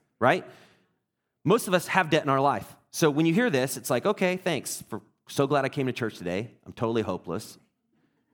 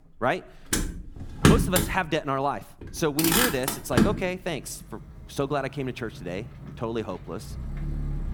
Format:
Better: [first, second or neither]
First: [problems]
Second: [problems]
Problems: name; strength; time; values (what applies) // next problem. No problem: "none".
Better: first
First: none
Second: traffic noise; very loud; throughout; 4 dB above the speech